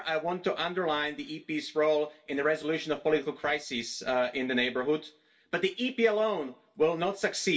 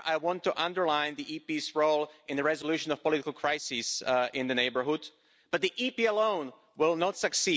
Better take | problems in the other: second | room echo; dies away in 0.2 s

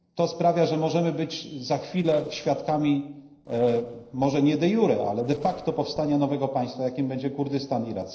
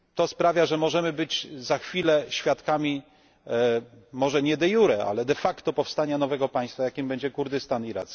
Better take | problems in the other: second | noise reduction (neural separator model SepFormer DNS4)

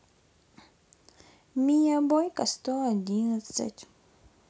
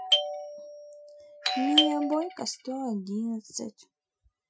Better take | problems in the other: first | noise reduction (classical method Wiener filter)

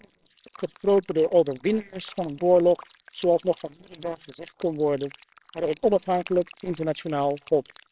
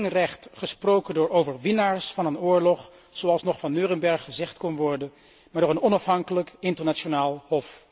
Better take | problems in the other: second | noise reduction (neural separator model SepFormer WHAMR!)

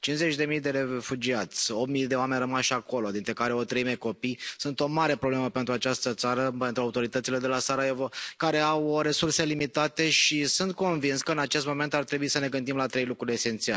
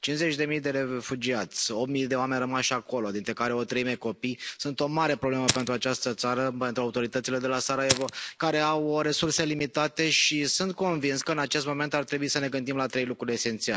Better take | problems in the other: first | background sound (Fire); 7 dB below the speech

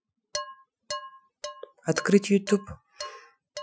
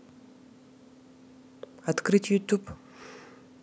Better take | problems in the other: second | noise reduction (classical method Wiener filter)

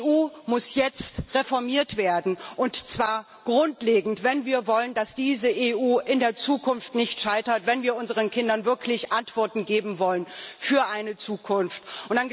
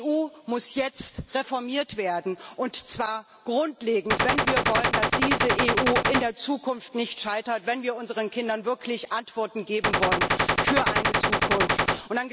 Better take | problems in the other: first | background sound (Gunshot, gunfire); 5 dB above the speech

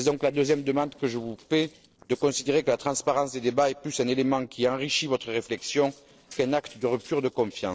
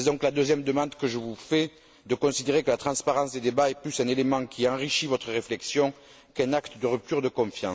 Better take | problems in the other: second | noise reduction (neural separator model SepFormer DNS4)

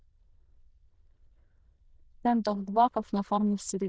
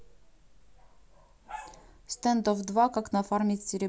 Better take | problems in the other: second | noise reduction (neural diffusion model UNIVERSE++)

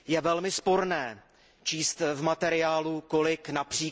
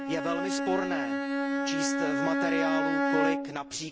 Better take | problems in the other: first | background sound (Bowed string instrument); 5 dB above the speech

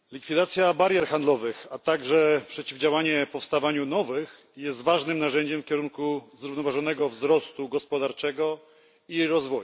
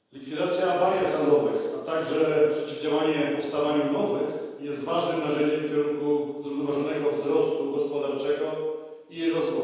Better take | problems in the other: first | room echo; dies away in 1.2 s

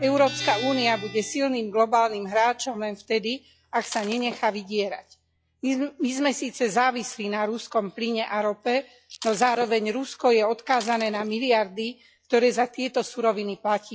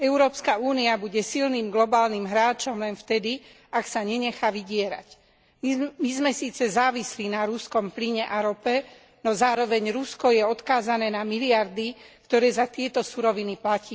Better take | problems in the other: second | noise reduction (classical method log-MMSE)

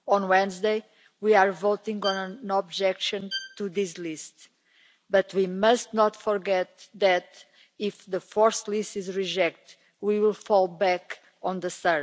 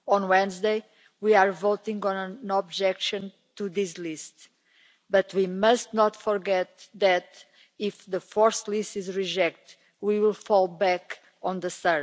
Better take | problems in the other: second | background sound (Bowed string instrument); 14 dB below the speech

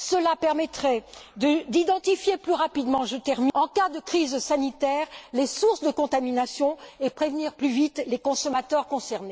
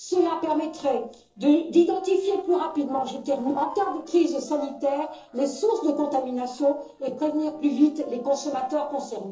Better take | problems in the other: first | noise reduction (neural separator model SepFormer DNS4)

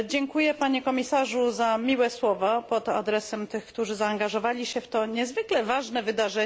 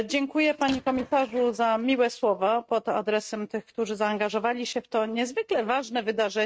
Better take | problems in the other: first | noise reduction (neural mask model RNNoise)

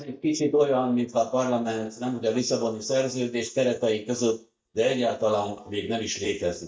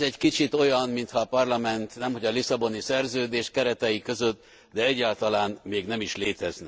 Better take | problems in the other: second | noise reduction (neural mask model DeepFilterNet 3)

